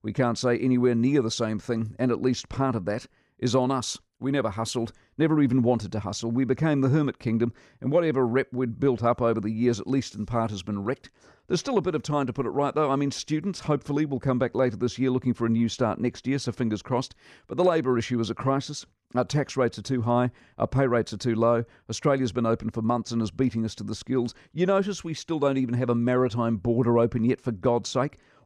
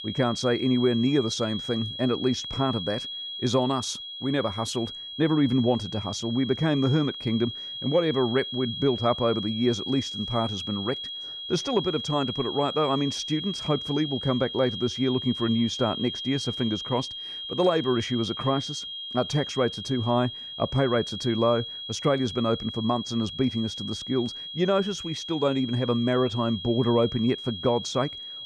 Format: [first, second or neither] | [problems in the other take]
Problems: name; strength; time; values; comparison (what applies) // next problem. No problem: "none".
first | high-pitched whine; loud; throughout; 3.5 kHz, 7 dB below the speech